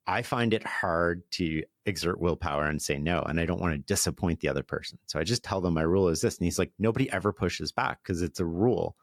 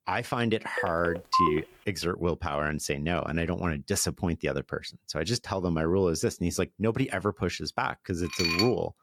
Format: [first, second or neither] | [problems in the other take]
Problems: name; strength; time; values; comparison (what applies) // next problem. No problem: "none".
first | phone ringing; loud; at 1 s; peak 4 dB above the speech // clattering dishes; loud; at 8.5 s; peak 3 dB above the speech